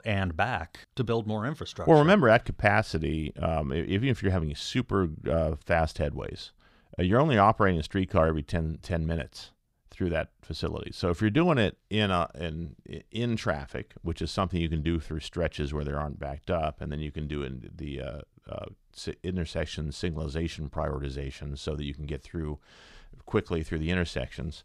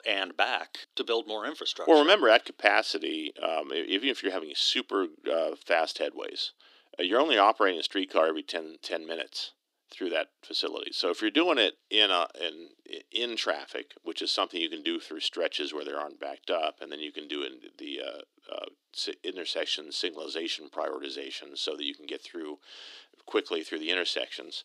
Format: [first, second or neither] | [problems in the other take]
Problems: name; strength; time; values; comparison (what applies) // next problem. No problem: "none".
first | thin; somewhat; fading below 300 Hz